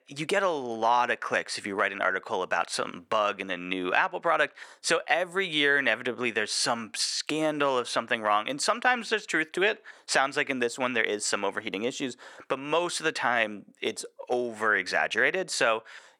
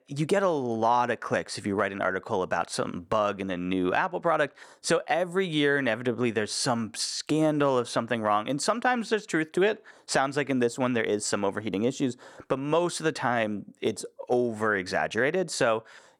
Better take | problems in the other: second | thin; very slightly; fading below 500 Hz

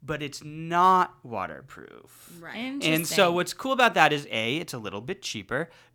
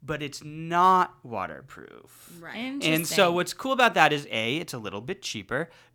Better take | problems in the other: neither | none

